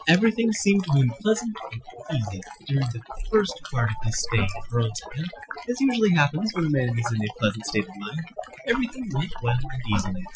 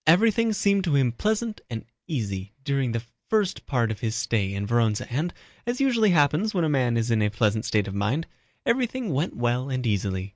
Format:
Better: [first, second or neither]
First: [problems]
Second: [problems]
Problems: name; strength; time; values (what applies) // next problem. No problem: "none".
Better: second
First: noise reduction (classical method Wiener filter)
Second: none